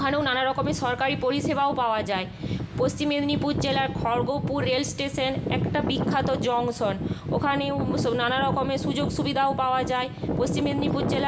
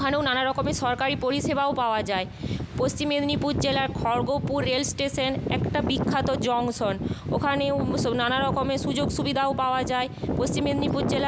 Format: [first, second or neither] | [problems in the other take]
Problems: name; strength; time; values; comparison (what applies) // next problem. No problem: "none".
second | room echo; dies away in 0.6 s